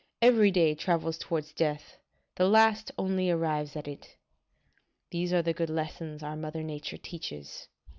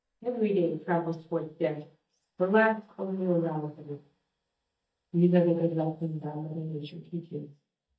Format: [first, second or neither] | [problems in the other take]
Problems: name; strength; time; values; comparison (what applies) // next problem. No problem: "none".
first | noise reduction (neural mask model DeepFilterNet 3)